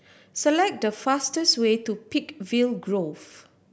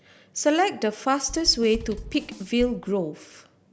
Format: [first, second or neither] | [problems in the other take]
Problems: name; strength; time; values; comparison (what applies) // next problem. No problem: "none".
first | background sound (Drum / Drum kit); 14 dB below the speech